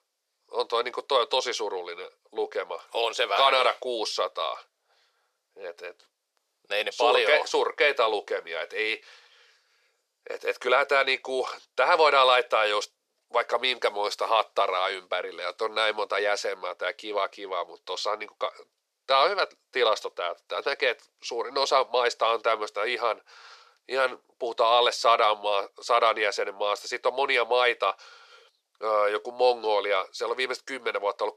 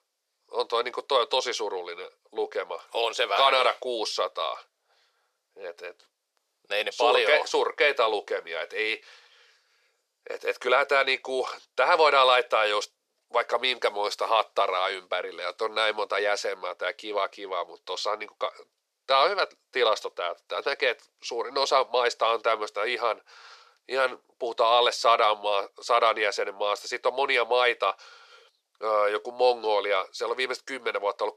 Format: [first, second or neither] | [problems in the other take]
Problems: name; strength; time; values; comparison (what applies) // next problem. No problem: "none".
neither | thin; very; fading below 500 Hz; the same in both